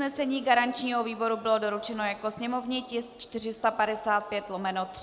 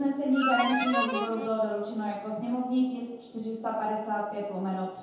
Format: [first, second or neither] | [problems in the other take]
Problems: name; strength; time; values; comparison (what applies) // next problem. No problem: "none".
first | background sound (Harmonica); 1 dB below the speech // room echo; dies away in 0.8 s